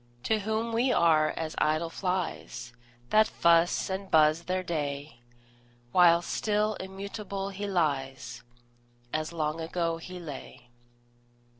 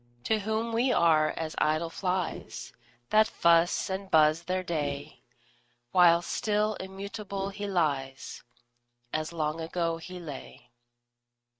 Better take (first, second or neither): first